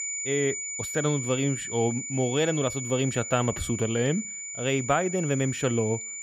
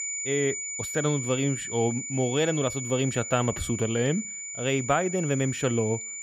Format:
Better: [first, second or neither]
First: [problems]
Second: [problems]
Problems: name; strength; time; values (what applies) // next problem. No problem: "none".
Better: neither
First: high-pitched whine; loud; throughout; 7 kHz, 5 dB below the speech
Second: high-pitched whine; loud; throughout; 7 kHz, 5 dB below the speech